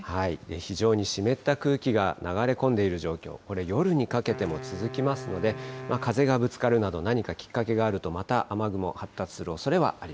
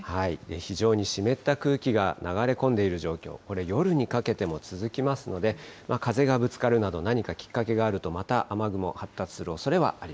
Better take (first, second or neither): second